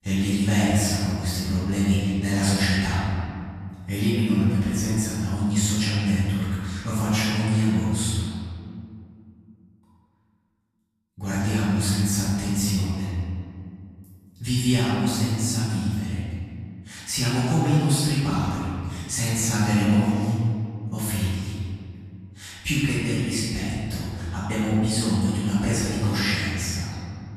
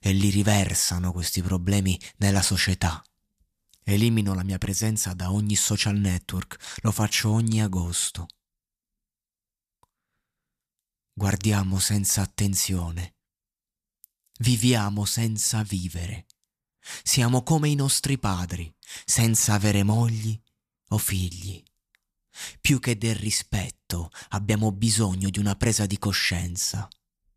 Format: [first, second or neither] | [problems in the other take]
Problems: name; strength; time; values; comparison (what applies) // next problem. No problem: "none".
second | off-mic speech; far // room echo; strong; dies away in 2.1 s